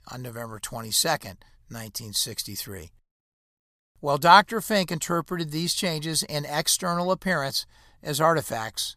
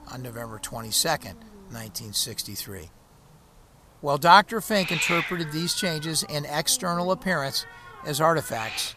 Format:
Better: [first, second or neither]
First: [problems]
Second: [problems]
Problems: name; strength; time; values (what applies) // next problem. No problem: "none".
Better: first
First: none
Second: hiss; loud; throughout; 9 dB below the speech